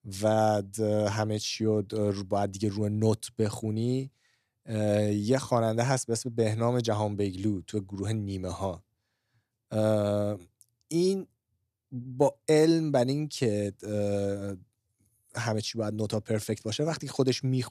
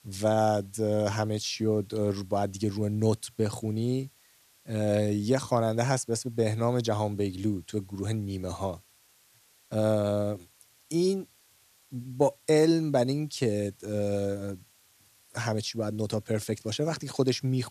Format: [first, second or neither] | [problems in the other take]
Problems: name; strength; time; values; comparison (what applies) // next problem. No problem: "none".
first | hiss; faint; throughout; 30 dB below the speech